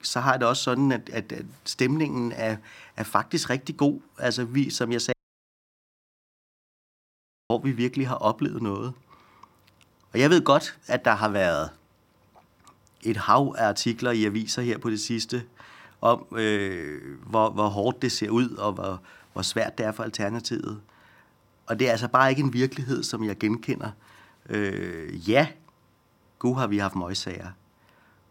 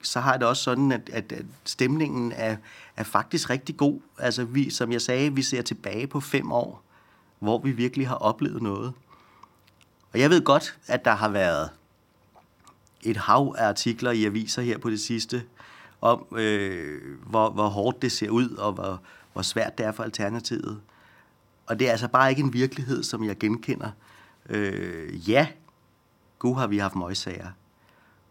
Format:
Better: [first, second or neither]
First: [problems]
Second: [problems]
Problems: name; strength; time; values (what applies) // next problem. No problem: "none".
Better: second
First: audio cutting out; at 5 s for 2.5 s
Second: none